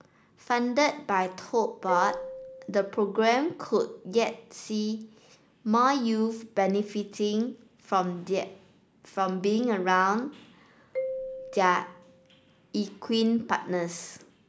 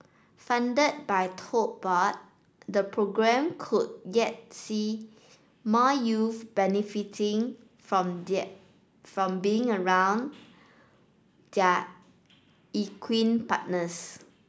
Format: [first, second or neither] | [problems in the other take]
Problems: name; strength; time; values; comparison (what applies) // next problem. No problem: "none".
second | background sound (Marimba, xylophone); 11 dB below the speech